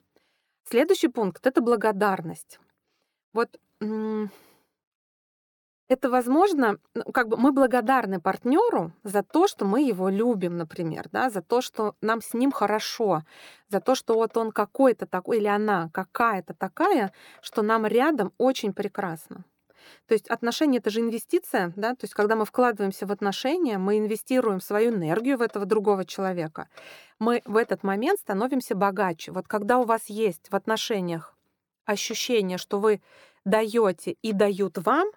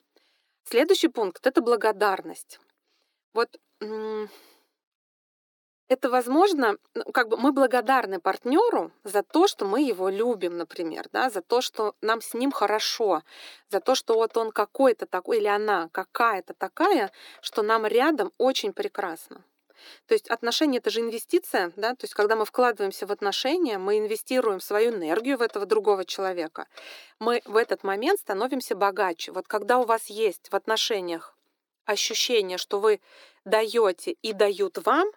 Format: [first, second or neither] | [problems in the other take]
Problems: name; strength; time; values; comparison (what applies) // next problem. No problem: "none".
first | thin; very slightly; fading below 300 Hz